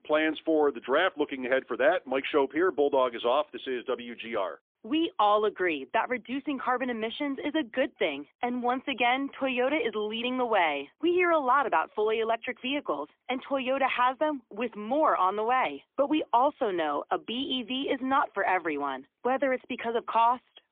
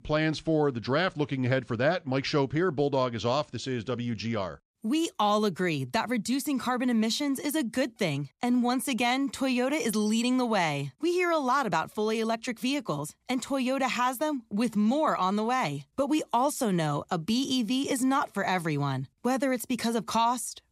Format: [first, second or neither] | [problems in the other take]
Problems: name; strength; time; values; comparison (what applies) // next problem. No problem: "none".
second | phone-call audio; poor line; nothing above 3.5 kHz